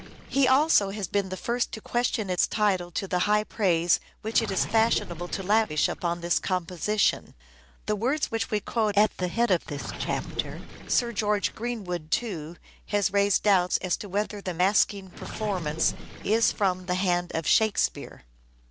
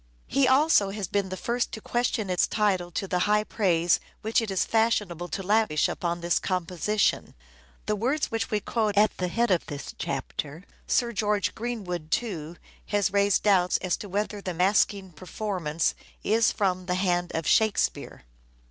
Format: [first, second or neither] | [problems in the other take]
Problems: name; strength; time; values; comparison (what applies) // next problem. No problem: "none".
second | background sound (Gurgling); 16 dB below the speech